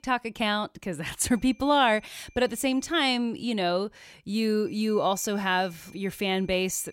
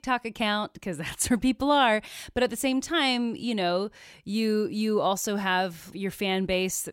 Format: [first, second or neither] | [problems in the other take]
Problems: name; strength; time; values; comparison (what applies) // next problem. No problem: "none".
second | high-pitched whine; faint; from 1 to 3 s and from 4.5 s on; 2.5 kHz, 30 dB below the speech